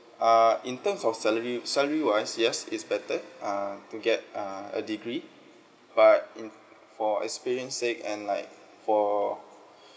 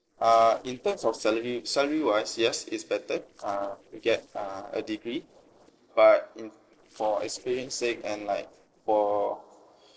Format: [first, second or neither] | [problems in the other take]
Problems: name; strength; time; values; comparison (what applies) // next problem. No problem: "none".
first | noise reduction (neural separator model SepFormer DNS4)